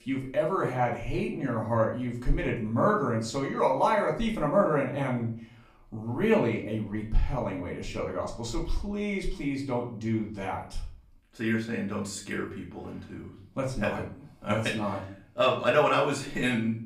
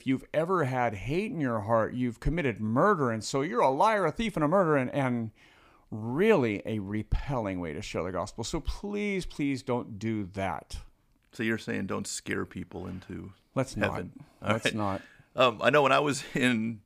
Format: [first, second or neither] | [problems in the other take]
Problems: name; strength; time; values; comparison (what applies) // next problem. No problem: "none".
second | room echo; slight; dies away in 0.4 s // off-mic speech; far